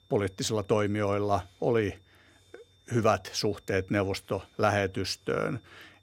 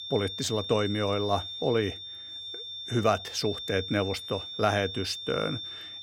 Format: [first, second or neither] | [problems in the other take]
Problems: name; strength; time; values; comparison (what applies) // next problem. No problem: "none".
first | high-pitched whine; loud; throughout; 3.5 kHz, 7 dB below the speech; faint in the first